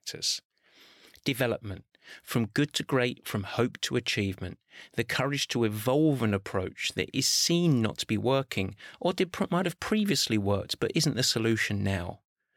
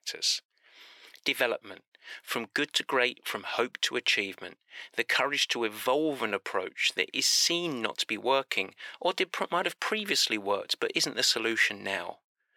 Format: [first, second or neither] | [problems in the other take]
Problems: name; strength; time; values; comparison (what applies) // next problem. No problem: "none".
first | thin; very; fading below 450 Hz